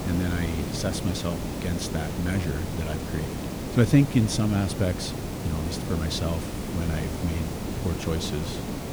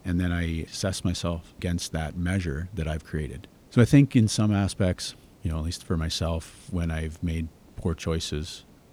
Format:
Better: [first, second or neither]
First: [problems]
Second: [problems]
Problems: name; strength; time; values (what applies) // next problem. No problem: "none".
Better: second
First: hiss; loud; throughout; 4 dB below the speech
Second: hiss; faint; throughout; 25 dB below the speech